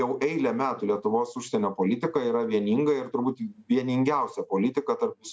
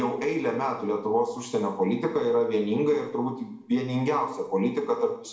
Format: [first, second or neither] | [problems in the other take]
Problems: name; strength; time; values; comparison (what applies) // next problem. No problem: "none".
first | room echo; dies away in 0.6 s